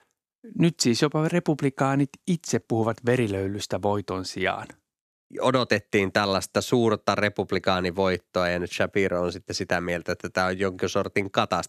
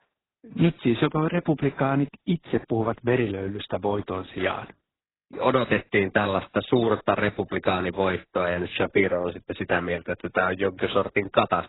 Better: first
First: none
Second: garbled, watery; badly; nothing above 4 kHz

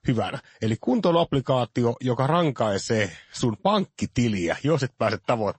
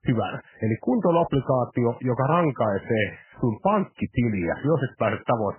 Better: first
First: garbled, watery; slightly; nothing above 8 kHz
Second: garbled, watery; badly; nothing above 3 kHz

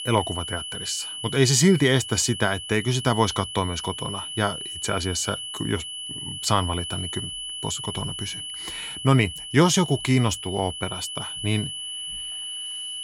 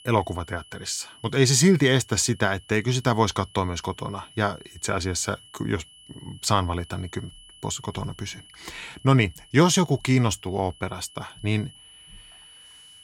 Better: second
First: high-pitched whine; loud; throughout; 3 kHz, 7 dB below the speech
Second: high-pitched whine; faint; throughout; 3 kHz, 25 dB below the speech

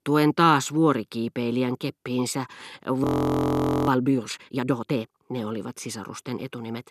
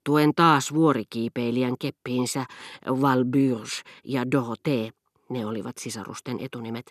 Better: second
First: audio freezing; at 3 s for 1 s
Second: none

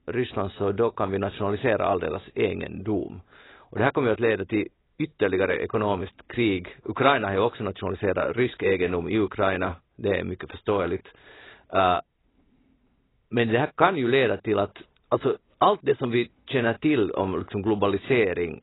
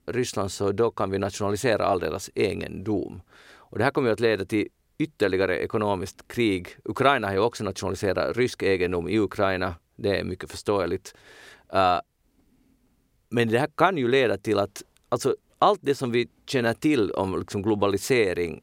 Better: second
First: garbled, watery; badly; nothing above 4 kHz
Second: none

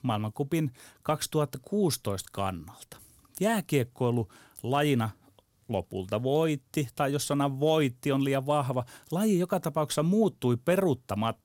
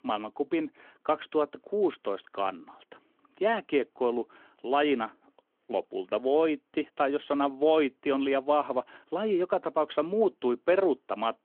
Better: first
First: none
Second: phone-call audio

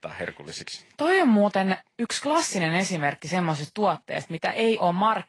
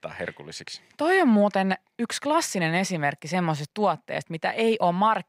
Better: second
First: garbled, watery; slightly; nothing above 10.5 kHz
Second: none

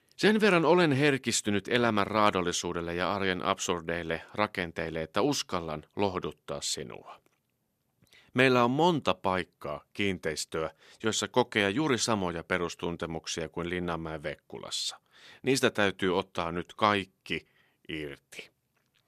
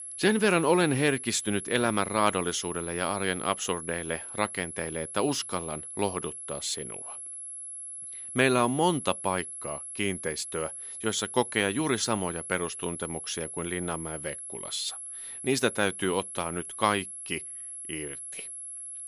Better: first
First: none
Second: high-pitched whine; loud; throughout; 11 kHz, 8 dB below the speech

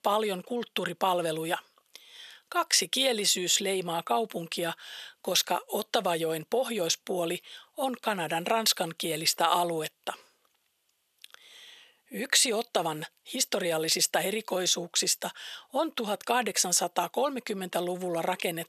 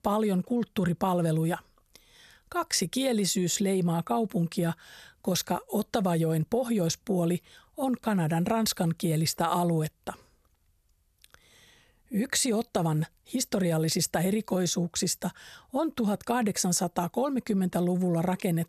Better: second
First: thin; somewhat; fading below 450 Hz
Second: none

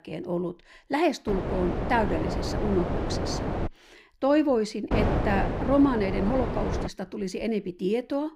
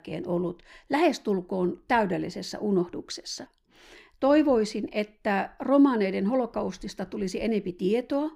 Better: second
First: wind noise on the microphone; heavy; from 1.5 to 3.5 s and from 5 to 7 s; 4 dB below the speech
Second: none

